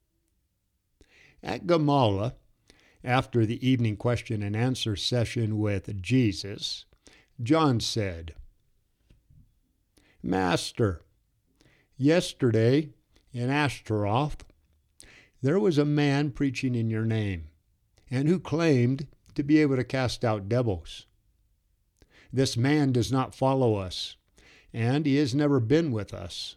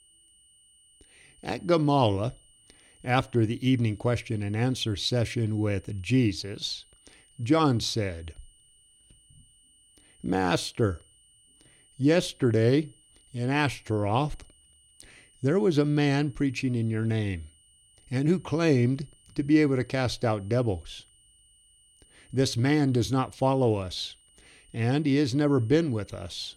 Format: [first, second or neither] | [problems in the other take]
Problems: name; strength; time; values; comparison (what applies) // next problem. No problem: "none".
first | high-pitched whine; faint; throughout; 9 kHz, 30 dB below the speech